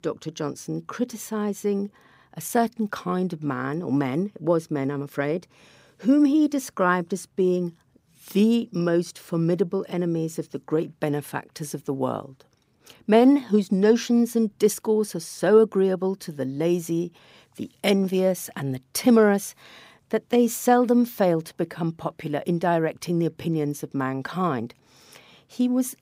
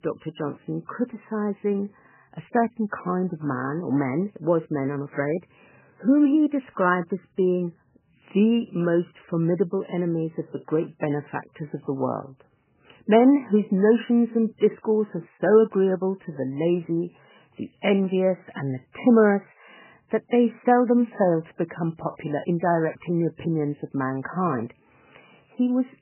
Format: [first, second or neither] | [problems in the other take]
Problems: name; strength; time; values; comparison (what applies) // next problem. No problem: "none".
first | garbled, watery; badly; nothing above 3 kHz